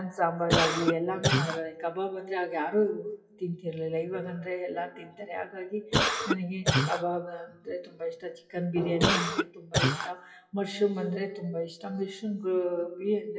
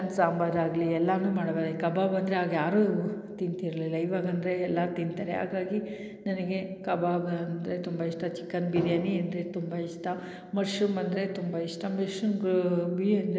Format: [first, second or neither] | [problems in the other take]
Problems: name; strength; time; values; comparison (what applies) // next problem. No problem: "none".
second | noise reduction (classical method WPE with log-MMSE)